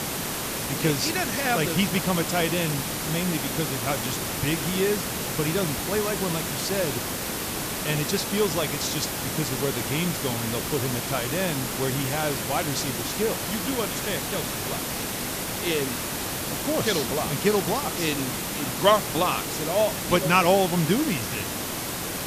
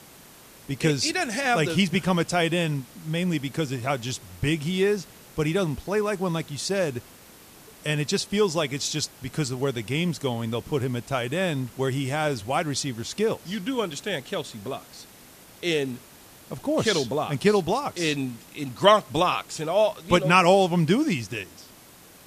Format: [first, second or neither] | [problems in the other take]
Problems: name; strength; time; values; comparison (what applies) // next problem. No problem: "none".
second | hiss; loud; throughout; 1 dB below the speech; faint in the second